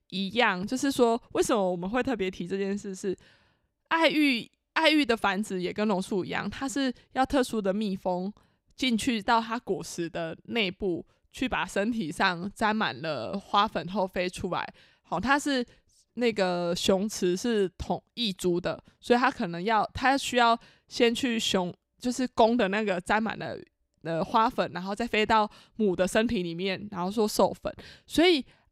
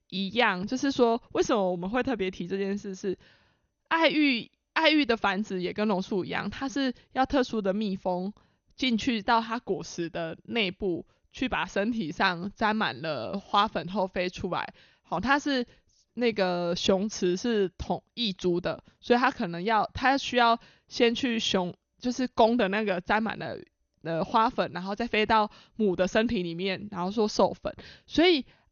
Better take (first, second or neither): first